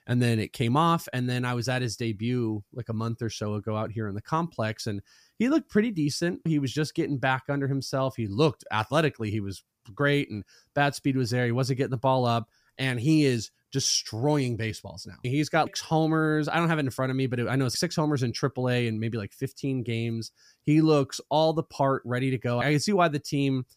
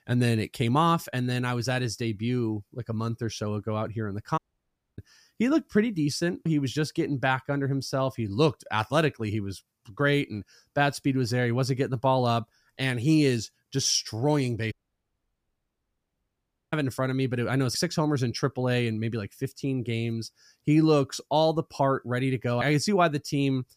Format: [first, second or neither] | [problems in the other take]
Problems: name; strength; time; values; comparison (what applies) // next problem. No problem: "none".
first | audio cutting out; at 4.5 s for 0.5 s and at 15 s for 2 s